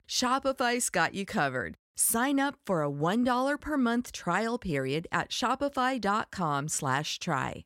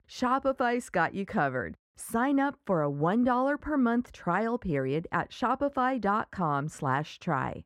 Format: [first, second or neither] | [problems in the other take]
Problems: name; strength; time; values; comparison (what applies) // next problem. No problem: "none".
first | muffled; very; fading above 2.5 kHz